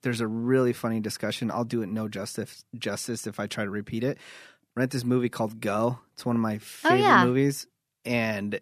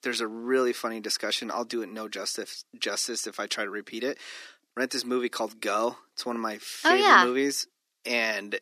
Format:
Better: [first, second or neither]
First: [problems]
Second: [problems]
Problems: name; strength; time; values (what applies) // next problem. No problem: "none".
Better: first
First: none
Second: thin; somewhat; fading below 300 Hz